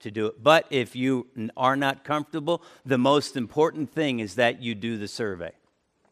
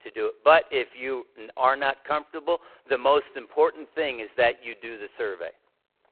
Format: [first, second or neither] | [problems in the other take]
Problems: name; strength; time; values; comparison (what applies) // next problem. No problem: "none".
first | phone-call audio; poor line; nothing above 4 kHz